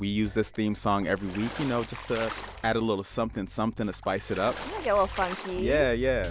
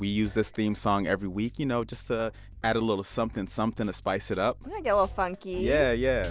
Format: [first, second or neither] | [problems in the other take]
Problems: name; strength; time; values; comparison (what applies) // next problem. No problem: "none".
second | background sound (Water / Splash, splatter); 14 dB below the speech